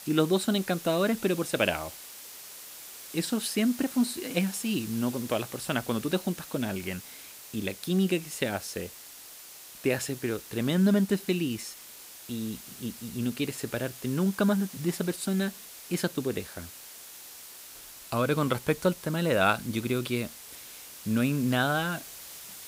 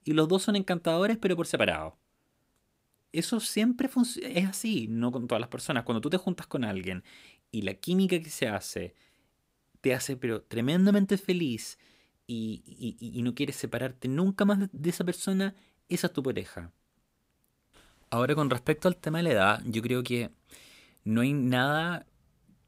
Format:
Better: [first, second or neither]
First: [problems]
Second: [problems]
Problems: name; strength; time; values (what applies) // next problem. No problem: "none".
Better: second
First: hiss; noticeable; throughout; 15 dB below the speech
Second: none